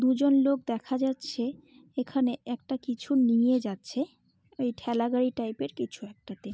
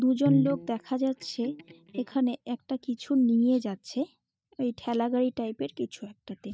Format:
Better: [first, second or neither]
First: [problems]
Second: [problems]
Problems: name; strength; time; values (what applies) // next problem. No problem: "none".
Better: first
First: none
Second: noise reduction (neural mask model DeepFilterNet 3)